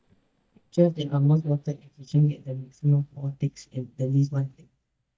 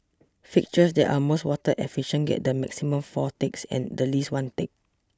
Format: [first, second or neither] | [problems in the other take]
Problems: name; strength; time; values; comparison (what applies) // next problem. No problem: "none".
second | noise reduction (neural mask model DeepFilterNet 3)